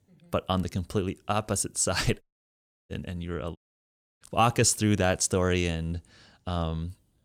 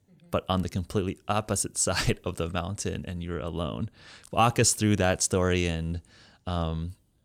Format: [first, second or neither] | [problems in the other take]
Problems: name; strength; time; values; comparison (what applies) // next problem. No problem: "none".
second | audio cutting out; at 2 s for 0.5 s and at 3.5 s for 0.5 s